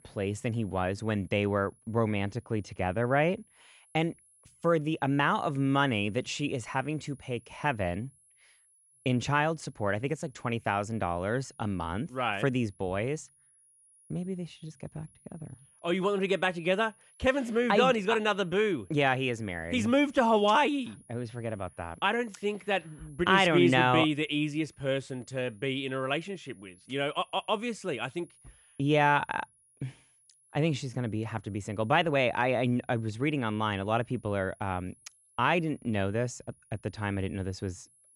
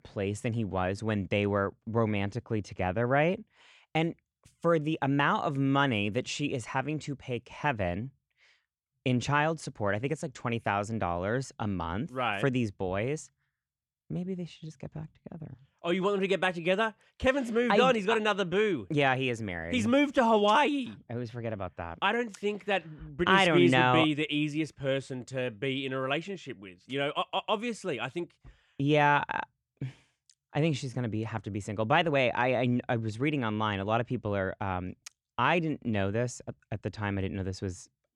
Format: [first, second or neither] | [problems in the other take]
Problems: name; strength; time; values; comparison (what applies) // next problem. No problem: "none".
second | high-pitched whine; faint; throughout; 10.5 kHz, 30 dB below the speech